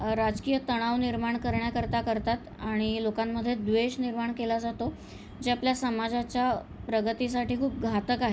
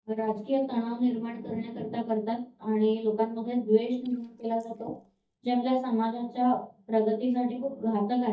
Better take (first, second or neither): first